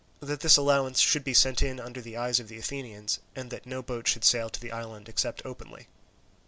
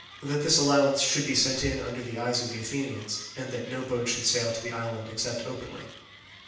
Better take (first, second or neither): first